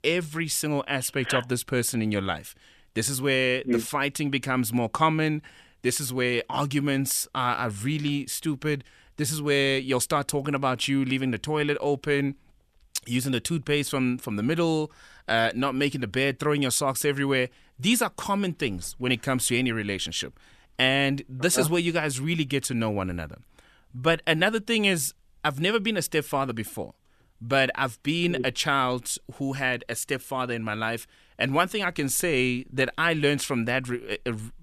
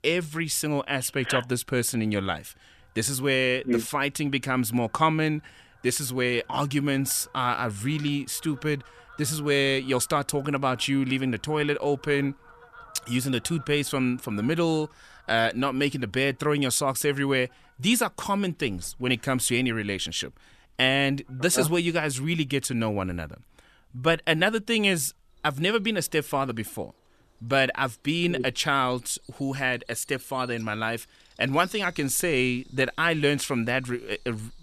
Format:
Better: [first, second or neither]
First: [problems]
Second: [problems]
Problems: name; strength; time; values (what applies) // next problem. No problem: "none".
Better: first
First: none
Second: animal sounds; faint; throughout; 25 dB below the speech